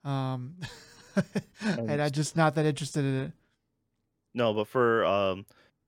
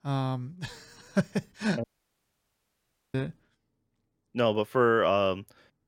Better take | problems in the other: first | audio cutting out; at 2 s for 1.5 s

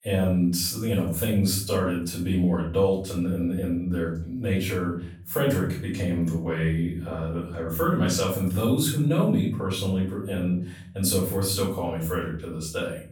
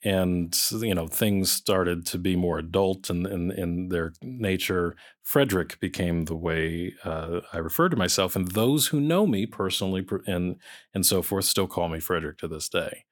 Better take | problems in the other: second | off-mic speech; far // room echo; noticeable; dies away in 0.7 s

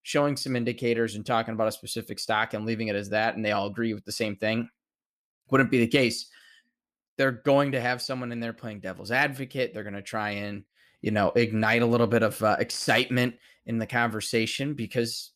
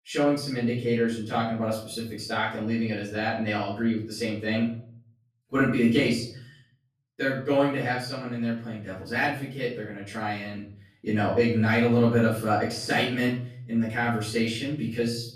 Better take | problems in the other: first | off-mic speech; far // room echo; noticeable; dies away in 0.6 s

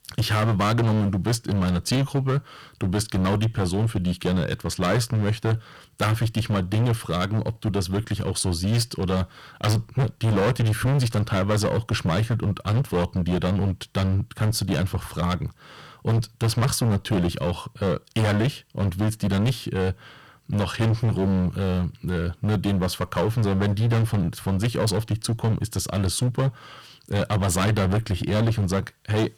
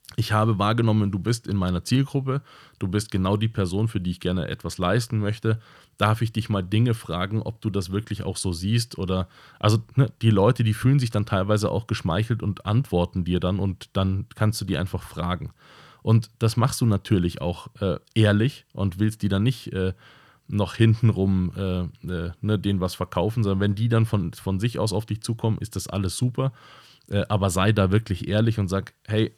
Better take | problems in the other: second | distortion; heavy; 18% of the sound clipped

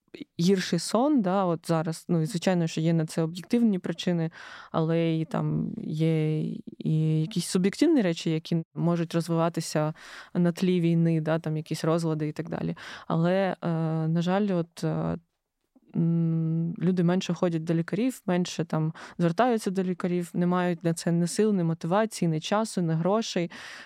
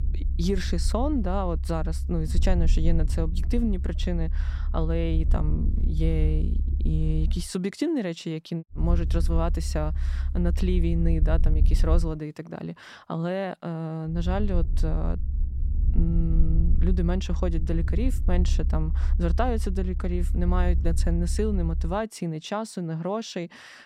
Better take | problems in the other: first | low rumble; noticeable; until 7.5 s, from 9 to 12 s and from 14 to 22 s; 15 dB below the speech

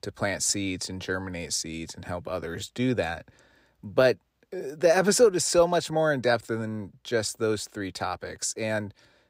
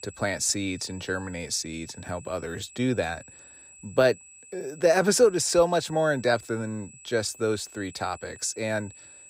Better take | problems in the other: first | high-pitched whine; faint; throughout; 7.5 kHz, 20 dB below the speech

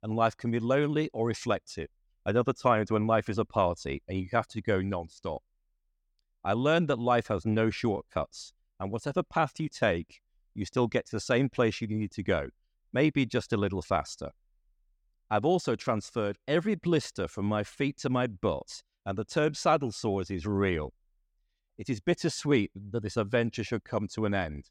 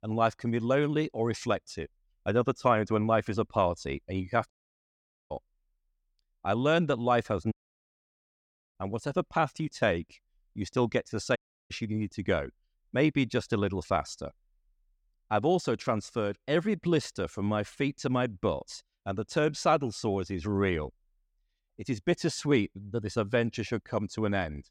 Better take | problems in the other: first | audio cutting out; at 4.5 s for 1 s, at 7.5 s for 1 s and at 11 s

